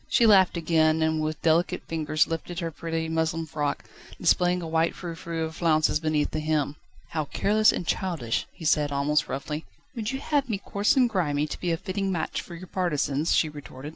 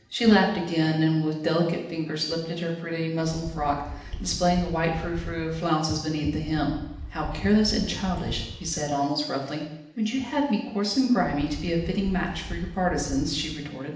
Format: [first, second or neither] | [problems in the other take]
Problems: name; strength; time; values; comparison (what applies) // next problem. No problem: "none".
first | background sound (Wind); 11 dB below the speech // room echo; dies away in 0.8 s